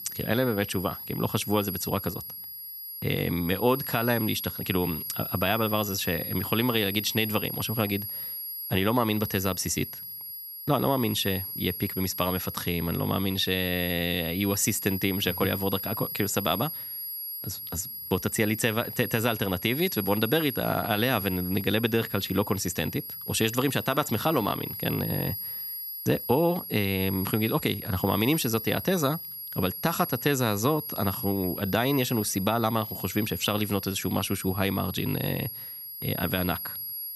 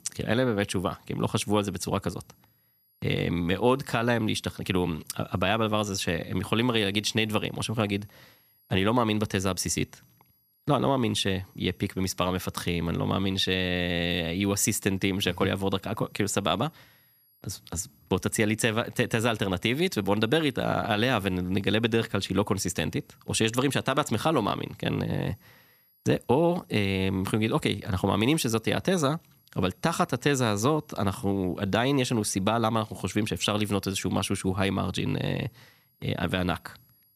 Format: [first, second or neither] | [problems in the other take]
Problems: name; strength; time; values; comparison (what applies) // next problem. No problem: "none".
second | high-pitched whine; loud; throughout; 11.5 kHz, 6 dB below the speech; faint in the second